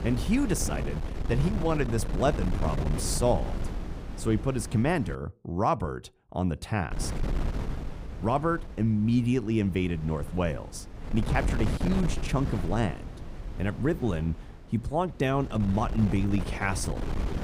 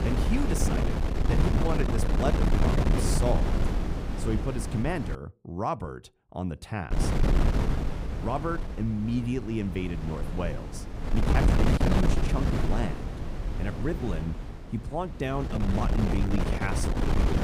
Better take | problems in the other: first | wind noise on the microphone; heavy; until 5 s and from 7 s on; as loud as the speech; occasional gusts in the first

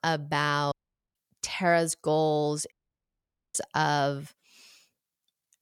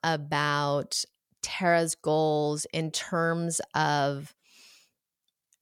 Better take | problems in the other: second | audio cutting out; at 0.5 s and at 2.5 s for 1 s

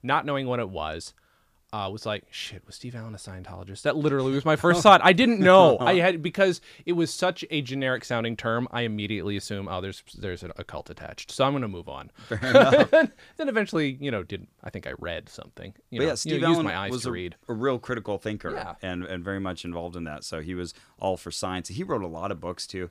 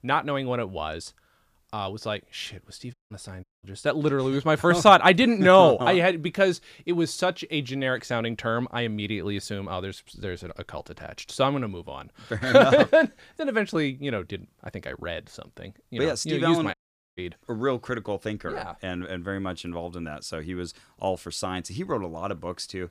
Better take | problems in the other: first | audio cutting out; at 3 s, at 3.5 s and at 17 s

